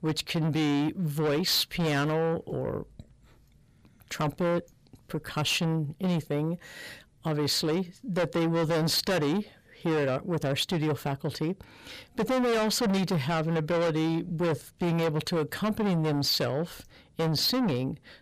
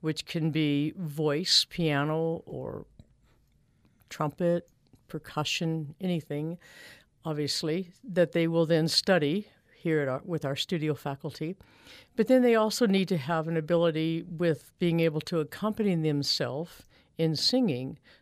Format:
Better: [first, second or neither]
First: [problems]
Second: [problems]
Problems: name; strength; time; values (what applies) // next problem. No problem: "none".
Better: second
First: distortion; heavy; 6 dB below the speech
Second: none